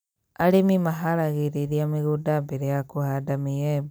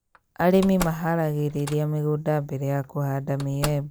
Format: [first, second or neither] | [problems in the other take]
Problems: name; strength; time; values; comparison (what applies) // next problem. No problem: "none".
first | background sound (Slam); 15 dB below the speech